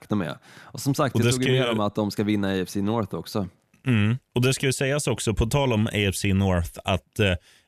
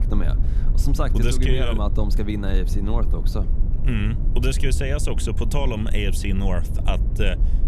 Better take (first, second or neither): first